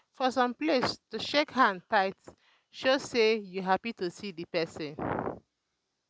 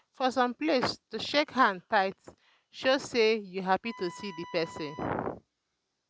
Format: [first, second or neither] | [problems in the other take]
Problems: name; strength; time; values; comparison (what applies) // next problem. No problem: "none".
first | background sound (Wind instrument, woodwind instrument); 17 dB below the speech